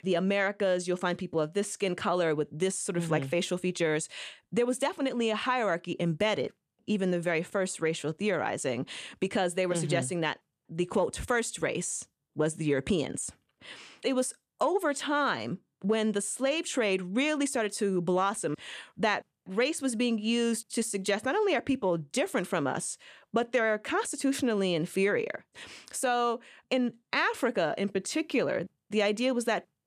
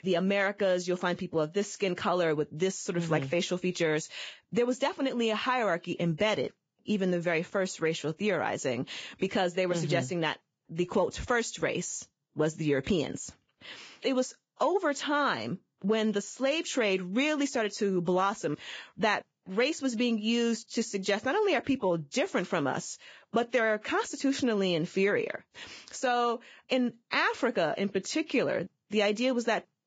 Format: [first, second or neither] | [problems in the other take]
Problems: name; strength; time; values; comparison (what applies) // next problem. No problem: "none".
first | garbled, watery; badly; nothing above 7.5 kHz